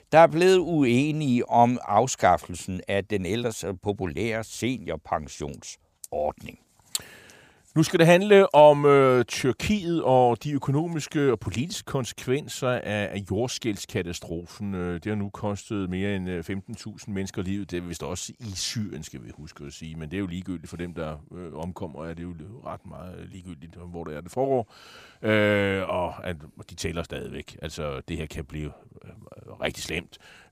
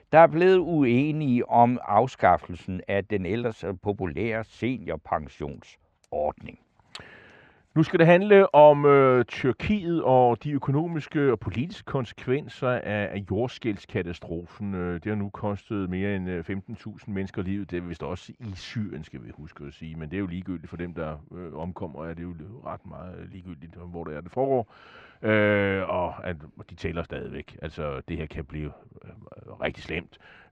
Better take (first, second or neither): first